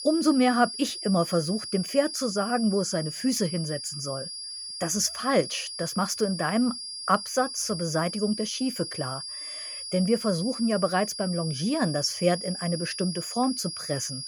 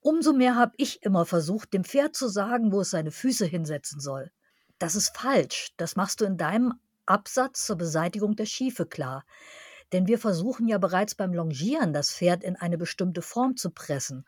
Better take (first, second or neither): second